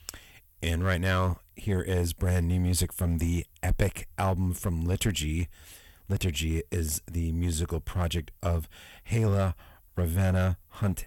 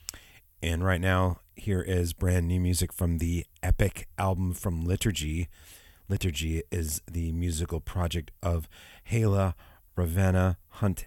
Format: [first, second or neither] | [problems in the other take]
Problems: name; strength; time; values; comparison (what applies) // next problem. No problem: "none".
second | distortion; slight; 4% of the sound clipped